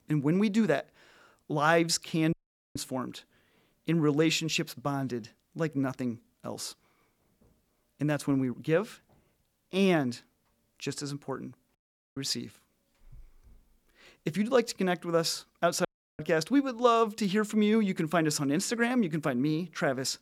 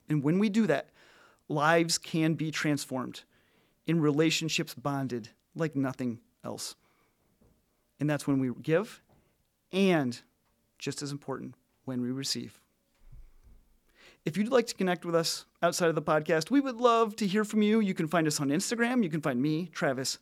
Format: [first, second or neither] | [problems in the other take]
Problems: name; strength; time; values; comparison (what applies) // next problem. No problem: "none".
second | audio cutting out; at 2.5 s, at 12 s and at 16 s